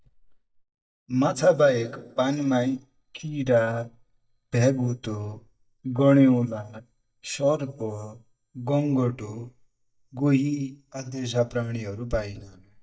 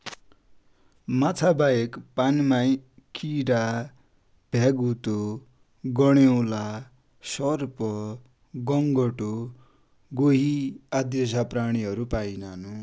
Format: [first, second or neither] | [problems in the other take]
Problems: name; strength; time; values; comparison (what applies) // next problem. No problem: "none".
second | noise reduction (neural mask model DeepFilterNet 3)